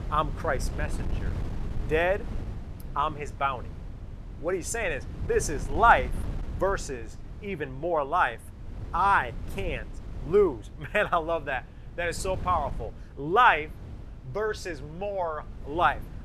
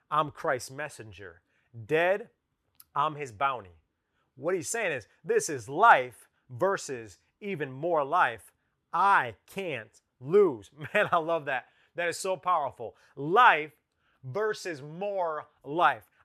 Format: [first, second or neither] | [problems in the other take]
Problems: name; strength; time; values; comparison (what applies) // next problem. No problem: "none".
second | wind noise on the microphone; occasional gusts; 25 dB below the speech